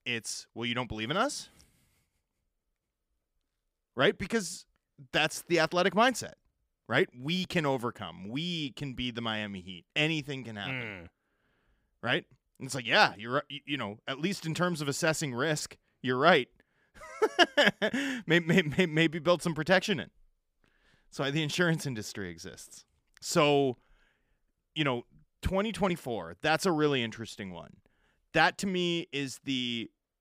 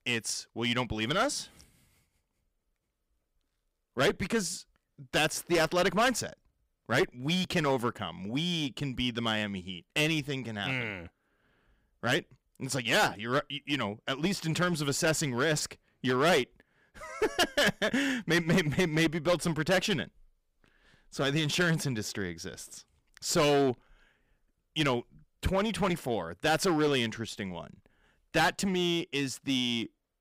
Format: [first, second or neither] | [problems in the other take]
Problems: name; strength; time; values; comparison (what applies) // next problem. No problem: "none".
first | distortion; heavy; 7% of the sound clipped